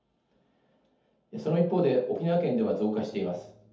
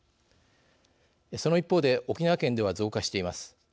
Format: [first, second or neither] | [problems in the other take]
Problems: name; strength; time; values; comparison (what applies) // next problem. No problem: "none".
second | room echo; dies away in 0.6 s